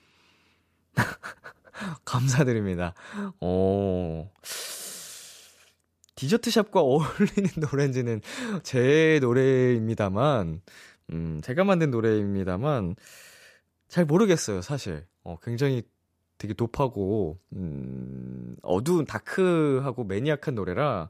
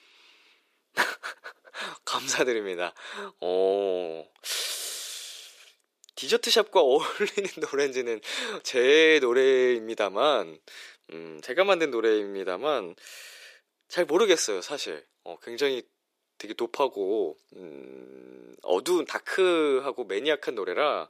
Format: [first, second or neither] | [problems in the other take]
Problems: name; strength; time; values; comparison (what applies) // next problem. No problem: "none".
first | thin; very; fading below 350 Hz